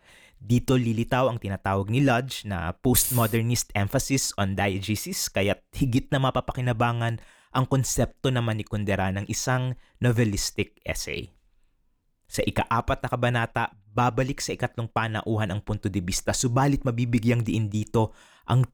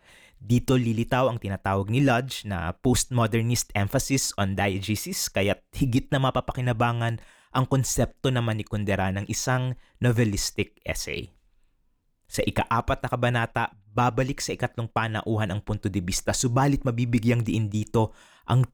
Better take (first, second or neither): second